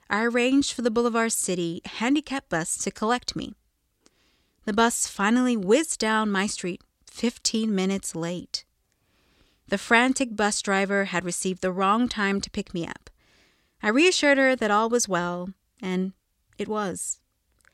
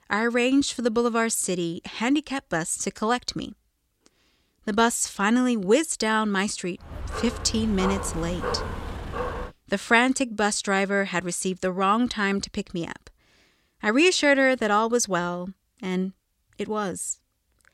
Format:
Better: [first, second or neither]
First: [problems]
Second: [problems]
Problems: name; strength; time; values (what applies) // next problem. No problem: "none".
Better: first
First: none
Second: dog barking; noticeable; from 7 to 9.5 s; peak 6 dB below the speech